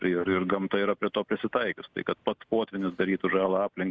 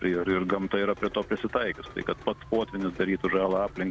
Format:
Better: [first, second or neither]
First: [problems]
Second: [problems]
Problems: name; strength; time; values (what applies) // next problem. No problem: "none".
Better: first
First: none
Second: background sound (Rain); 18 dB below the speech